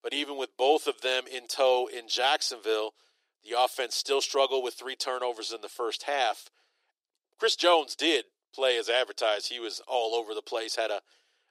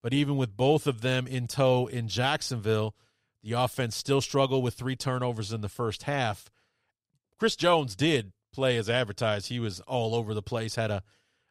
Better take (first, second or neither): second